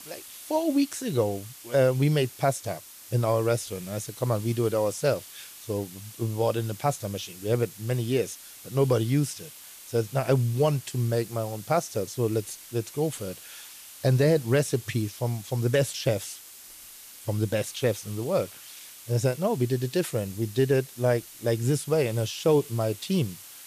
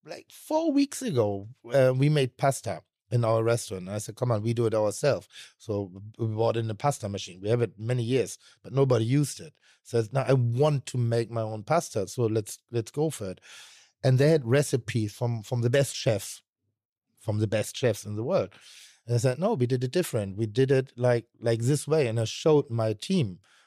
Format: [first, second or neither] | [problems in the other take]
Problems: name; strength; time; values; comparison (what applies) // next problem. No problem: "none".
second | hiss; noticeable; throughout; 15 dB below the speech